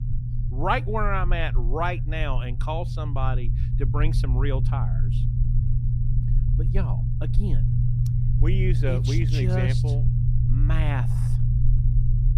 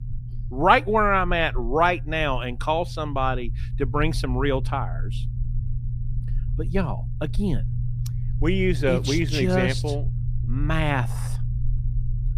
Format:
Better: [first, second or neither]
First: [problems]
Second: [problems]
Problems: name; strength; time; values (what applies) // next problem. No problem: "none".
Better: second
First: low rumble; loud; throughout; 8 dB below the speech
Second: low rumble; faint; throughout; 20 dB below the speech